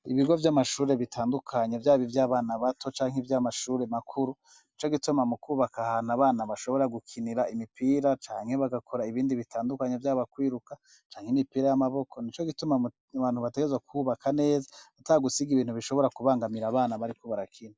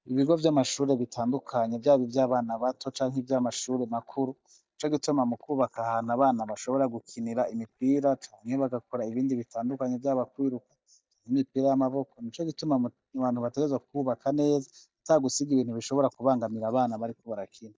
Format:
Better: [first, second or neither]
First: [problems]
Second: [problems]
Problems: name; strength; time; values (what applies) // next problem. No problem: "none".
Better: first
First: none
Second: noise reduction (neural mask model DeepFilterNet 3)